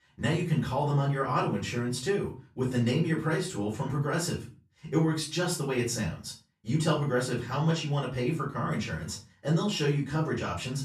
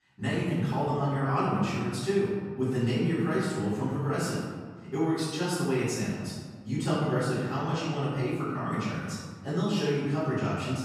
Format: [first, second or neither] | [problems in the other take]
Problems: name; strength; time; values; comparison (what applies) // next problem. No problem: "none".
first | room echo; strong; dies away in 1.5 s; slight in the first // off-mic speech; far; far in the first